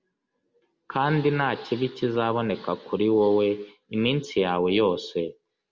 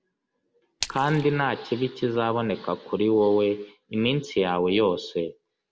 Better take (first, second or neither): first